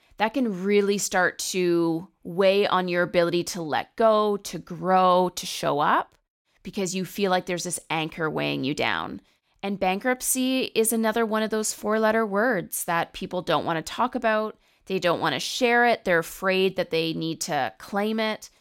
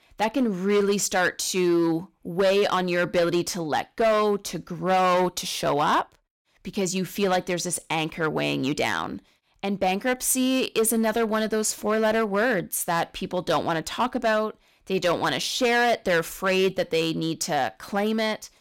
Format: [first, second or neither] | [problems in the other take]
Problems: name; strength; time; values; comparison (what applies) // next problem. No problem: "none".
first | distortion; slight; 7% of the sound clipped